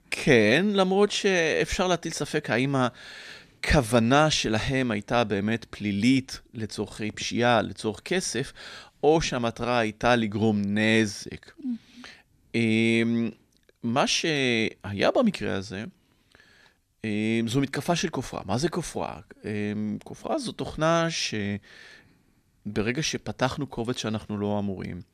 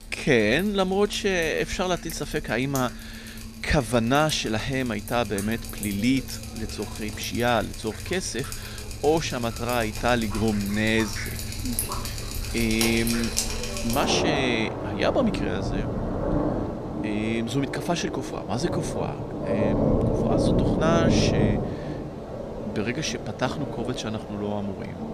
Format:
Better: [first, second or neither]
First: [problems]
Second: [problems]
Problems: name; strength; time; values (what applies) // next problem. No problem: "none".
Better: first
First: none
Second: rain or running water; loud; throughout; 3 dB below the speech